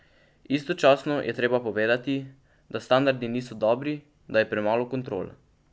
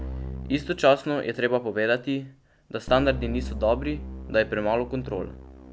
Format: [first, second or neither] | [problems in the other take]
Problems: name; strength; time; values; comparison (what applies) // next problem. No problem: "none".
first | background sound (Keyboard (musical)); 11 dB below the speech